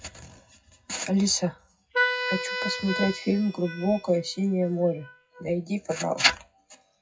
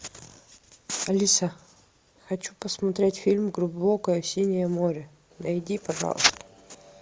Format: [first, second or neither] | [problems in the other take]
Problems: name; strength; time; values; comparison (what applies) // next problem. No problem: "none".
second | noise reduction (classical method WPE with log-MMSE)